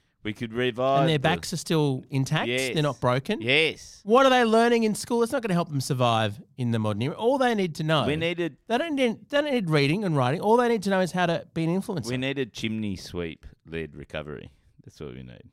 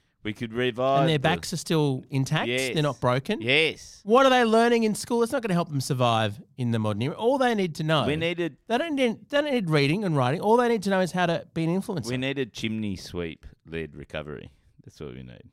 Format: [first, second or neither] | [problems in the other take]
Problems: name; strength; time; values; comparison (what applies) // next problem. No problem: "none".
neither | none